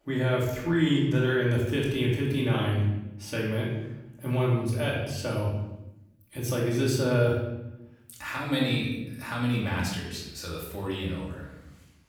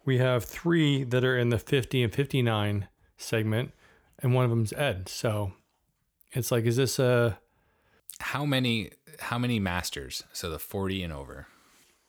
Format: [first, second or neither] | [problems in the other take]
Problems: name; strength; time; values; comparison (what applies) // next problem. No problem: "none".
second | off-mic speech; far // room echo; noticeable; dies away in 1 s